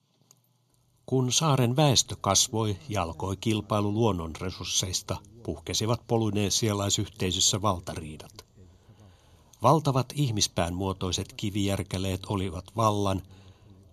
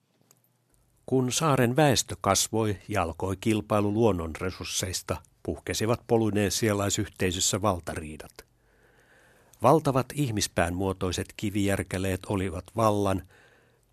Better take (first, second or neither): second